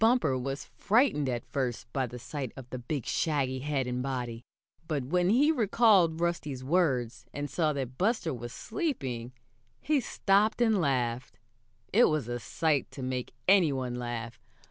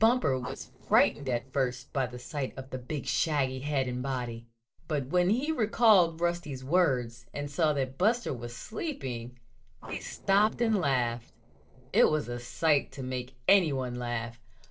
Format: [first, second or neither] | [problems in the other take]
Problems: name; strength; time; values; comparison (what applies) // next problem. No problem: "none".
first | noise reduction (neural separator model SepFormer DNS4)